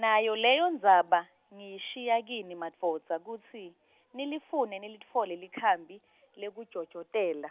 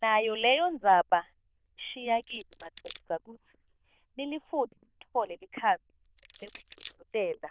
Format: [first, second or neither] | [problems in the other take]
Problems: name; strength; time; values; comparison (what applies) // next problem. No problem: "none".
first | noise reduction (neural diffusion model UNIVERSE++)